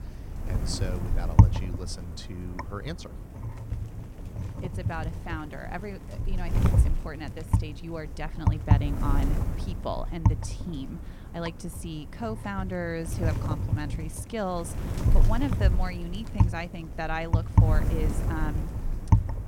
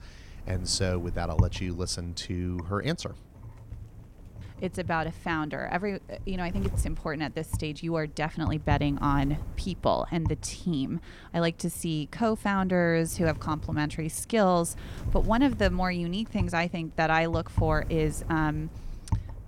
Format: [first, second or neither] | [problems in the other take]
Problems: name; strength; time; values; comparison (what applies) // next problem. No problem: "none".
second | wind noise on the microphone; heavy; 3 dB below the speech; occasional gusts in the second